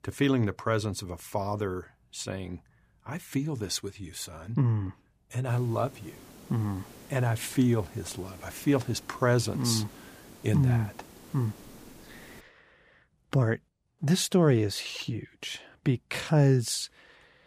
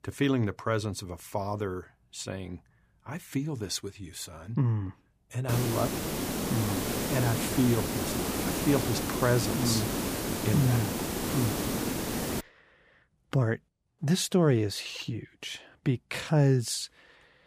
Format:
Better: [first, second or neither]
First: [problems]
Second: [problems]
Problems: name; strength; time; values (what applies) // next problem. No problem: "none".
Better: first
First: hiss; faint; from 5.5 to 12 s; 20 dB below the speech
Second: hiss; loud; from 5.5 to 12 s; 1 dB below the speech